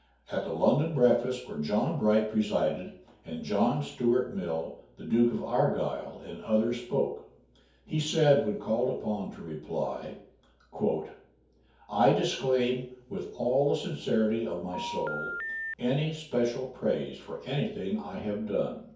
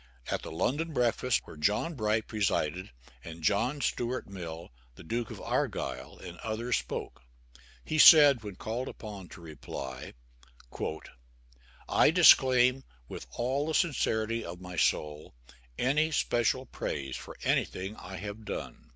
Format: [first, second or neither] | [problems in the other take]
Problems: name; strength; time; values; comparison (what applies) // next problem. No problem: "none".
second | background sound (Telephone); 7 dB below the speech // room echo; dies away in 0.6 s